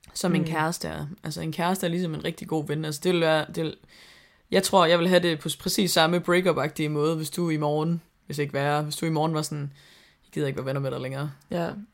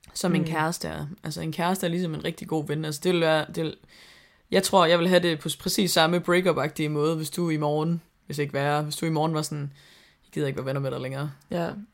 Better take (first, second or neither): neither